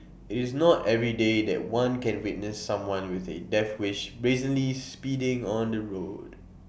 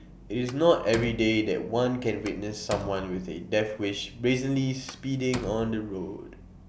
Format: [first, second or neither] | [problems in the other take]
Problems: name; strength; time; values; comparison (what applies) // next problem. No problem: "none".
first | background sound (Slam); 15 dB below the speech